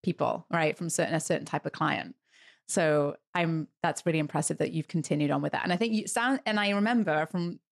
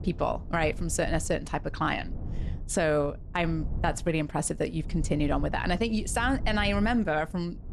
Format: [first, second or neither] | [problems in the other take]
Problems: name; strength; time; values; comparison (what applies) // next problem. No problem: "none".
first | low rumble; faint; throughout; 20 dB below the speech